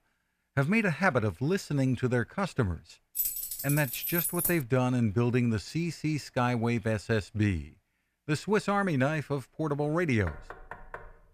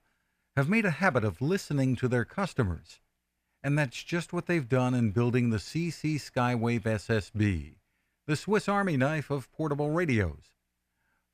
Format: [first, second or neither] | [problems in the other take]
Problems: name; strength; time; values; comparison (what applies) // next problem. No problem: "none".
second | jangling keys; loud; from 3 to 4.5 s; peak 1 dB above the speech // door banging; faint; at 10 s; peak 15 dB below the speech